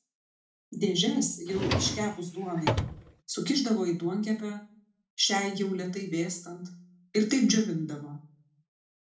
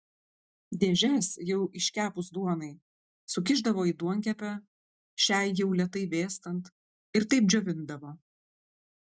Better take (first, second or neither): second